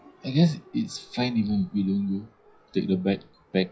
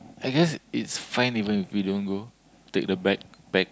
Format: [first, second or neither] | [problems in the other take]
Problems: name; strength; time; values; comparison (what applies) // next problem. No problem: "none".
second | noise reduction (classical method WPE with log-MMSE)